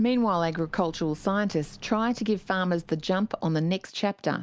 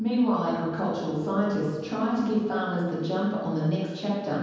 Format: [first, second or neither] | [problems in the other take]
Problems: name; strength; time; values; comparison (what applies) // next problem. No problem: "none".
first | room echo; dies away in 1.2 s